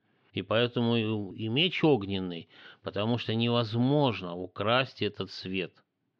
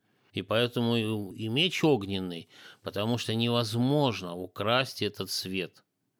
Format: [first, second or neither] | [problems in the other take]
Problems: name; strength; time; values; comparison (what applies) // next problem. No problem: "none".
second | muffled; slightly; fading above 3.5 kHz